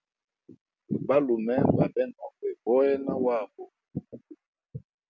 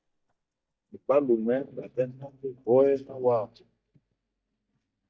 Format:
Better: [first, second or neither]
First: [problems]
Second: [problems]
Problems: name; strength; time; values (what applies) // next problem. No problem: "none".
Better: first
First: none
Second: noise reduction (neural mask model DeepFilterNet 3)